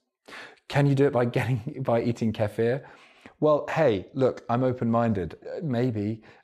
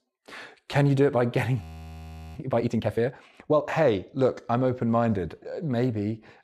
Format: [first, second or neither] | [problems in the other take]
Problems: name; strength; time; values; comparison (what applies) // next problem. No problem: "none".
first | audio freezing; at 1.5 s for 0.5 s